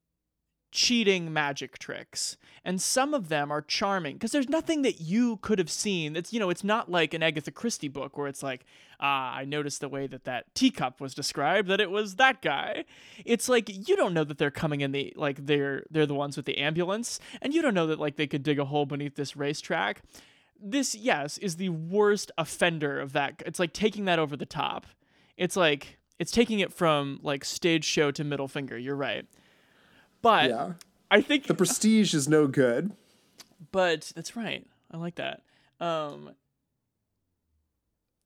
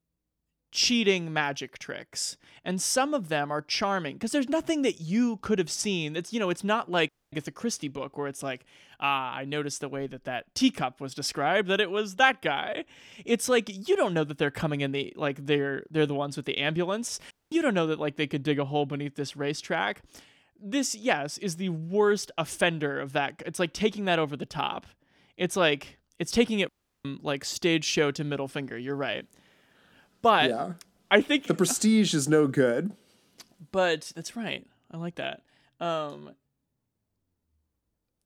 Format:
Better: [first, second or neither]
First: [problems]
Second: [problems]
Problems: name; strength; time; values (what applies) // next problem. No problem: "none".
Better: first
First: none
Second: audio cutting out; at 7 s, at 17 s and at 27 s